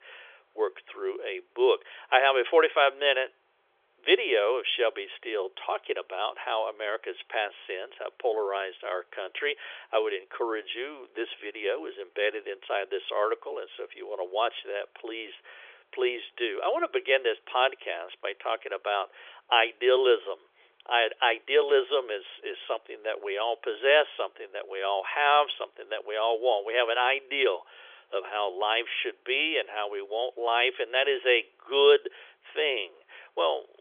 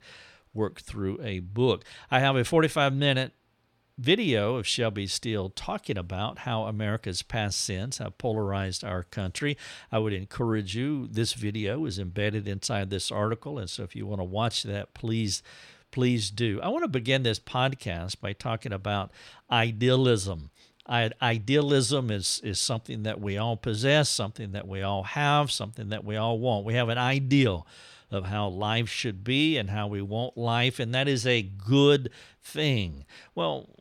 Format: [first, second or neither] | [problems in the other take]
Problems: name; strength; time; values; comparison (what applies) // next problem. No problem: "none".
second | phone-call audio; nothing above 3.5 kHz